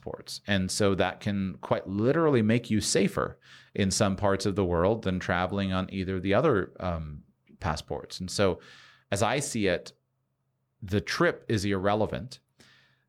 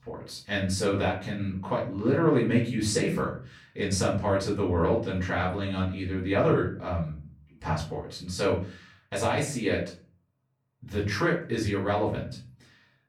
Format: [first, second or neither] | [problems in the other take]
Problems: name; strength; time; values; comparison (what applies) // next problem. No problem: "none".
first | off-mic speech; far // room echo; slight; dies away in 0.4 s